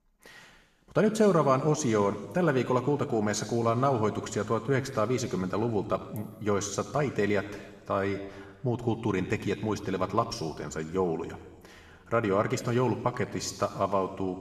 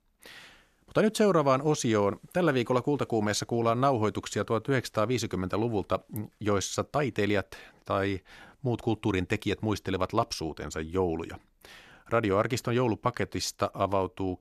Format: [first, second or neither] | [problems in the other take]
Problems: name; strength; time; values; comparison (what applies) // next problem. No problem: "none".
second | room echo; slight; dies away in 1.8 s